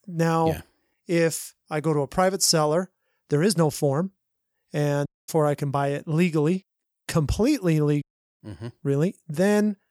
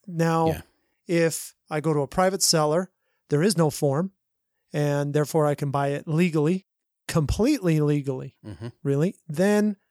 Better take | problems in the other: second | audio cutting out; at 5 s and at 8 s

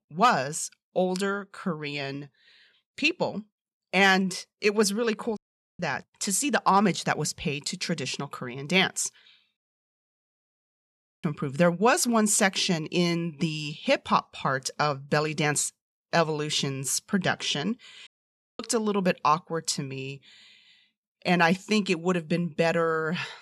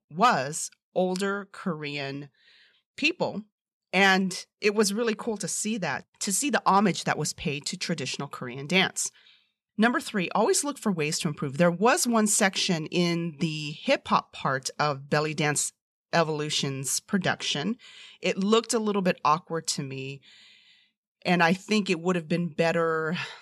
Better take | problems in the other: second | audio cutting out; at 5.5 s, at 9.5 s for 1.5 s and at 18 s for 0.5 s

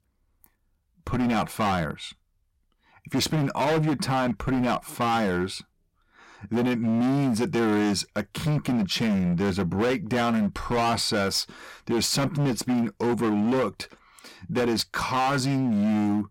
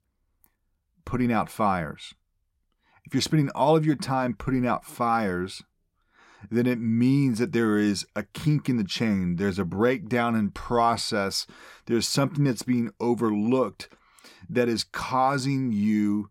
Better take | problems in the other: second | distortion; heavy; 20% of the sound clipped

